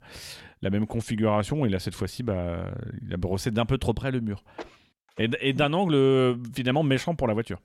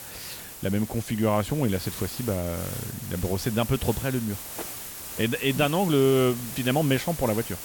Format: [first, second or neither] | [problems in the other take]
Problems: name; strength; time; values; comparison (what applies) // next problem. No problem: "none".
first | hiss; loud; throughout; 9 dB below the speech